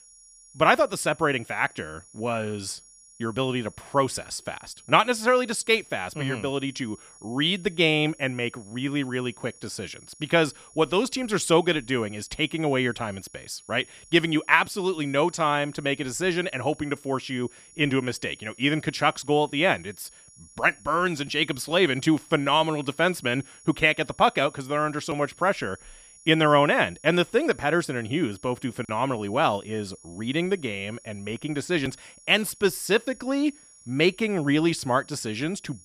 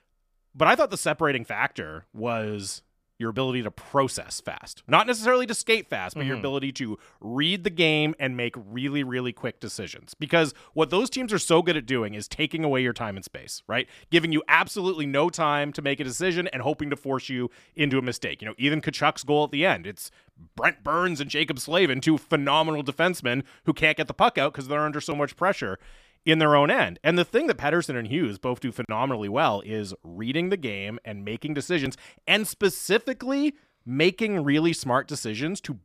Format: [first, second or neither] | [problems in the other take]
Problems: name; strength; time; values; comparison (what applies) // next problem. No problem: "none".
second | high-pitched whine; faint; throughout; 10.5 kHz, 25 dB below the speech